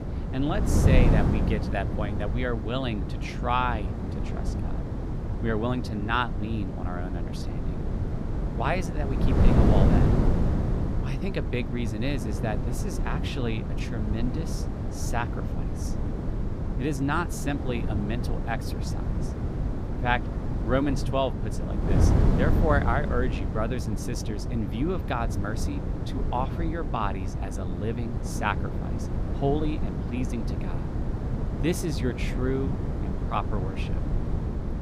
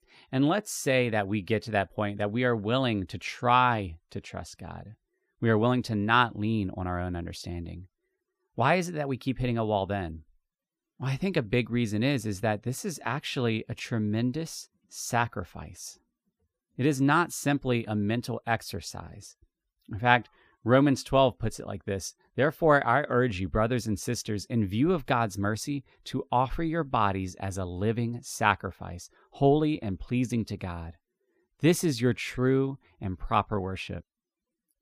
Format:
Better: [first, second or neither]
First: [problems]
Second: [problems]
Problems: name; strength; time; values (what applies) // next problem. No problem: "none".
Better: second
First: wind noise on the microphone; heavy; 5 dB below the speech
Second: none